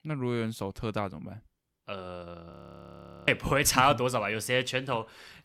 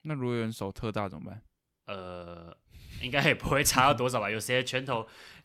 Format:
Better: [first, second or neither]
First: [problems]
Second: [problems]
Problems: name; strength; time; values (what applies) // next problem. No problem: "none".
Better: second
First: audio freezing; at 2.5 s for 1 s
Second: none